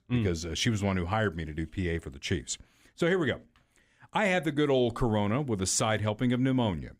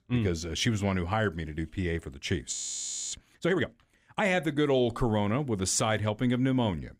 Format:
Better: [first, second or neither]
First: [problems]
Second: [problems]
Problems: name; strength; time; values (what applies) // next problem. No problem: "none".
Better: first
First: none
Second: audio freezing; at 2.5 s for 0.5 s